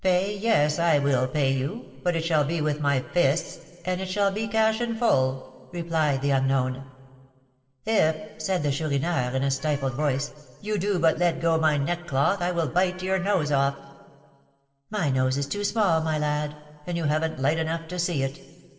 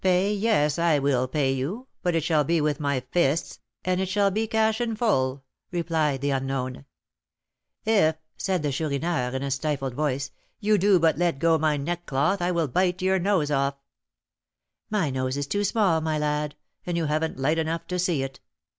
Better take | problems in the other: second | noise reduction (neural separator model SepFormer DNS4)

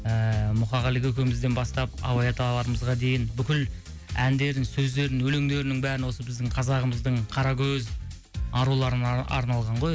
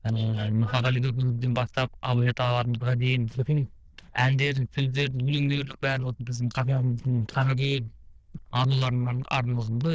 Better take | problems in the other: first | noise reduction (neural diffusion model UNIVERSE++)

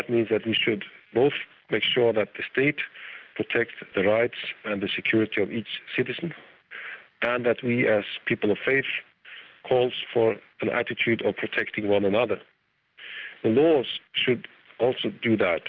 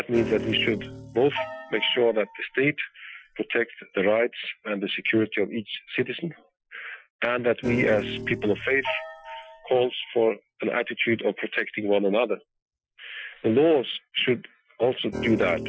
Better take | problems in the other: first | noise reduction (classical method Wiener filter)

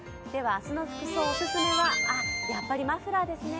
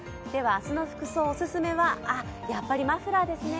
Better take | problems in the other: second | background sound (Harmonica); 1 dB below the speech

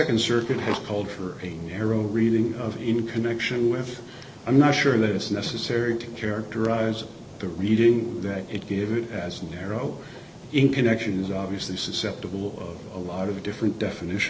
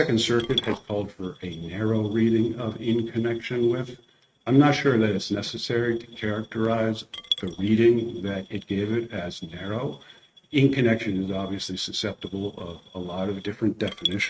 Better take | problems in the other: first | noise reduction (neural mask model RNNoise)

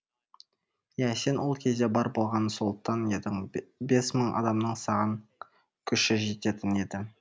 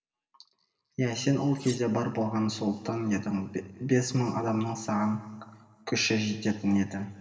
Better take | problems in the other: first | background sound (Cutlery, silverware); 17 dB below the speech // room echo; dies away in 2.5 s

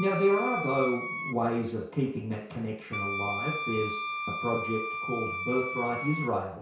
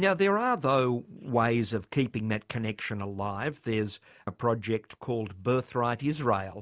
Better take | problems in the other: second | background sound (Wind instrument, woodwind instrument); 5 dB below the speech // room echo; dies away in 0.6 s

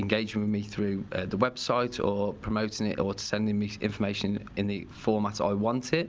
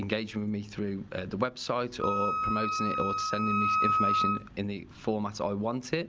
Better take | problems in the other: first | background sound (Wind instrument, woodwind instrument); 3 dB above the speech

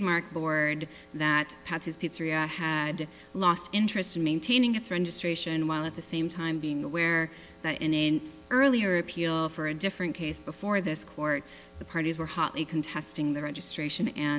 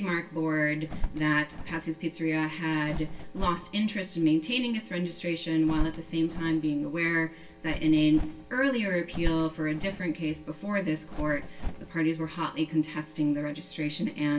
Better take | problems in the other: first | background sound (Bird); 7 dB below the speech // room echo; dies away in 0.2 s

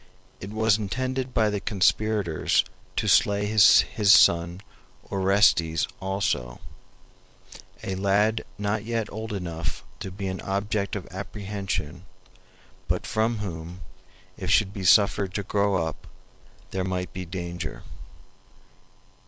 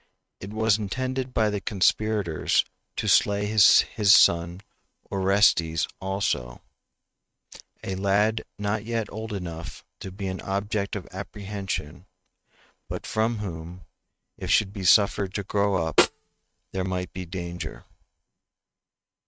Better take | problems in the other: first | noise reduction (neural mask model RNNoise)

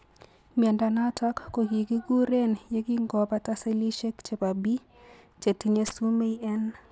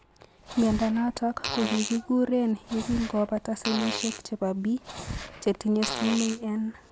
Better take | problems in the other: first | background sound (Fart); 9 dB below the speech

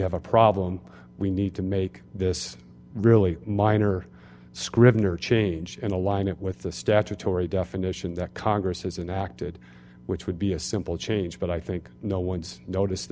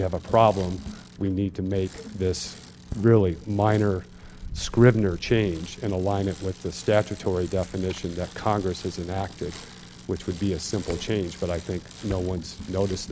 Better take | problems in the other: first | background sound (Bicycle); 16 dB below the speech

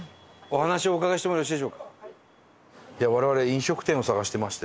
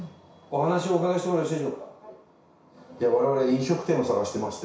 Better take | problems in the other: first | room echo; dies away in 0.6 s

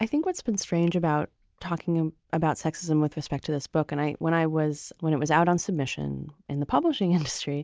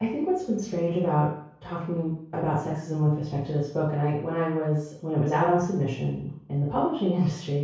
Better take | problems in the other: first | room echo; dies away in 0.6 s

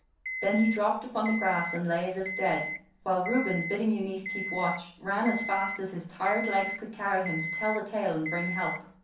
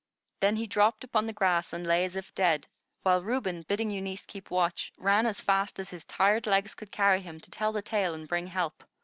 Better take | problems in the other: second | background sound (Alarm); 7 dB below the speech // room echo; dies away in 0.6 s

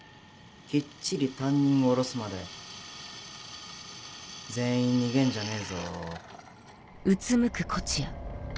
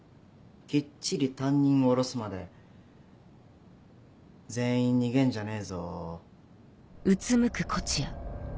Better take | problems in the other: second | background sound (Drill); 15 dB below the speech

